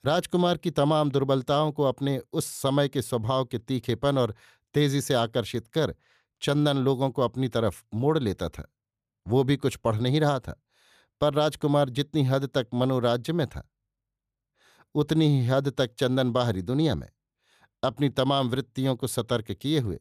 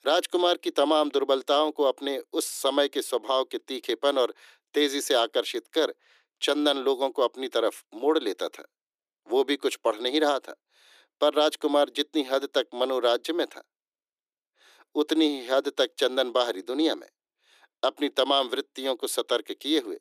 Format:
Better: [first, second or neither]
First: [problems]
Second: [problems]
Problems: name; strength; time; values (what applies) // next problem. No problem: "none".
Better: first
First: none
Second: thin; somewhat; fading below 300 Hz